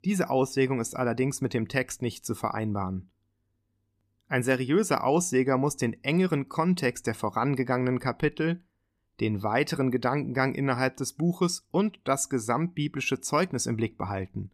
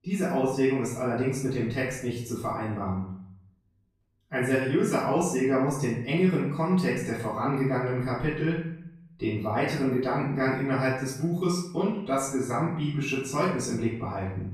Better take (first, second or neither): first